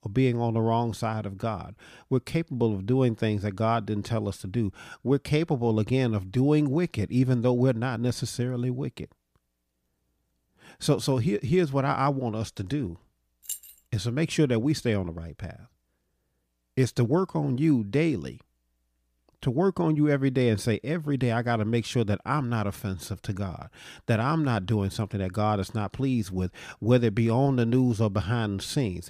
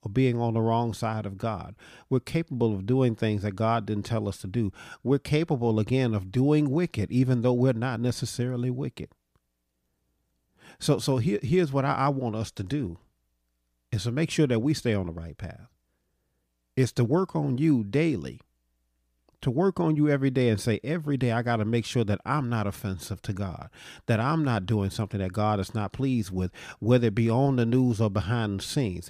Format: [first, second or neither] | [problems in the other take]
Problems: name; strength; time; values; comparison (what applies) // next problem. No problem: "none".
second | jangling keys; noticeable; at 13 s; peak 9 dB below the speech